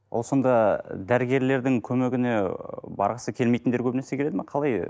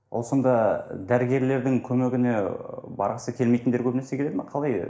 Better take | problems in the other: first | room echo; dies away in 2 s

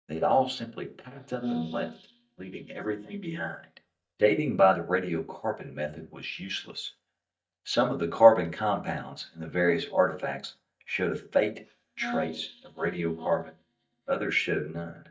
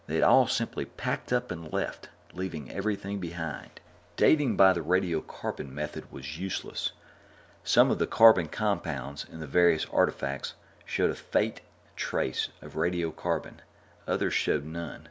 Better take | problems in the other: second | noise reduction (neural mask model DeepFilterNet 3)

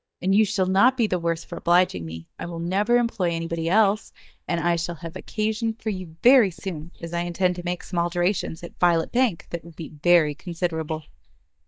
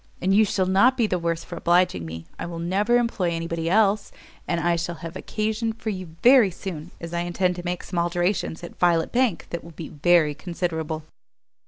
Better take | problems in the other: second | noise reduction (neural mask model DeepFilterNet 3)

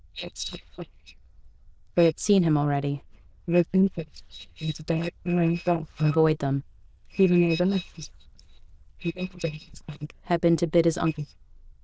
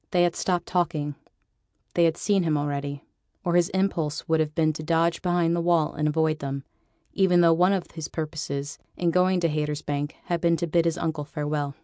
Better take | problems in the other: second | noise reduction (neural diffusion model UNIVERSE++)

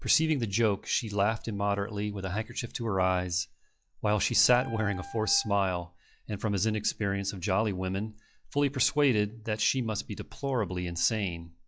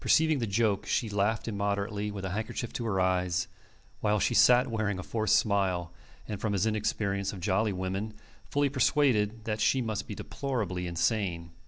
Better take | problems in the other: second | noise reduction (classical method log-MMSE)

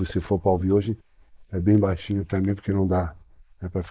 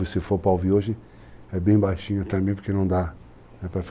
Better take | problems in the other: second | noise reduction (neural mask model Resemble Enhance denoiser)

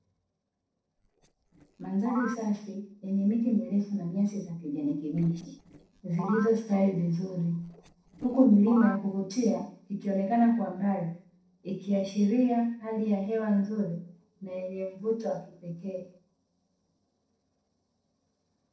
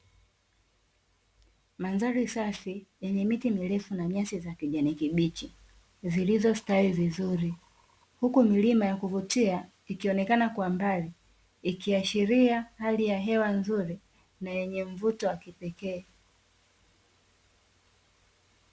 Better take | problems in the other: second | noise reduction (neural separator model SepFormer DNS4)

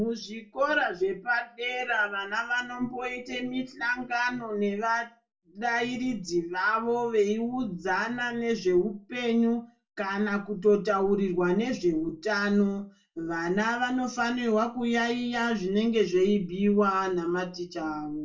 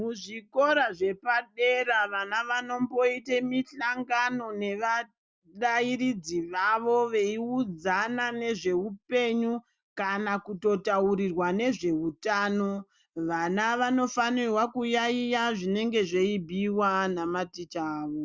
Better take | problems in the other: second | room echo; dies away in 0.2 s

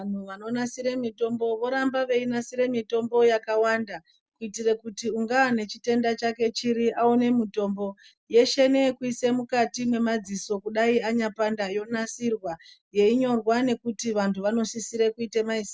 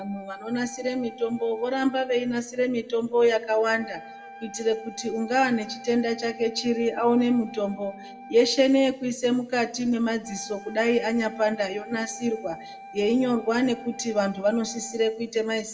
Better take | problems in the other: first | background sound (Wind instrument, woodwind instrument); 19 dB below the speech // room echo; dies away in 0.8 s

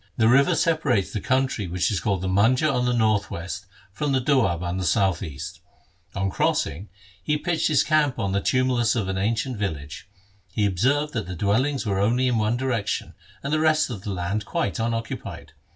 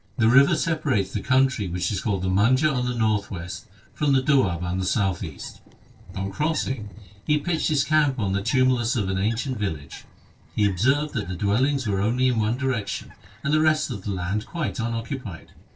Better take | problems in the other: first | noise reduction (neural separator model SepFormer DNS4)

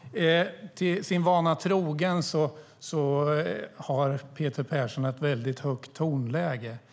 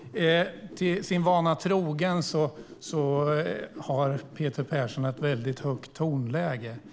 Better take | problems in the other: first | background sound (Whoosh, swoosh, swish); 20 dB below the speech

